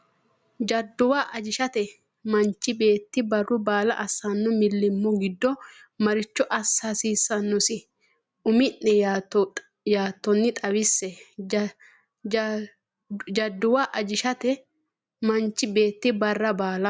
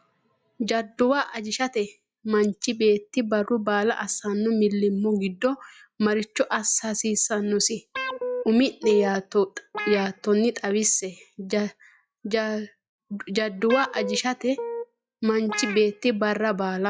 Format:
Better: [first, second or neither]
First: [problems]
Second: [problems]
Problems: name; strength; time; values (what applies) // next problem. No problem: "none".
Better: first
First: none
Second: noise reduction (classical method log-MMSE)